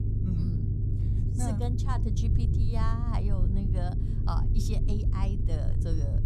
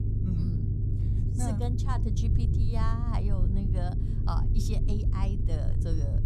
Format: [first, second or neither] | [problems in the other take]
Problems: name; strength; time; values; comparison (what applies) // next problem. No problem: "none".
neither | low rumble; loud; throughout; 2 dB below the speech; the same in both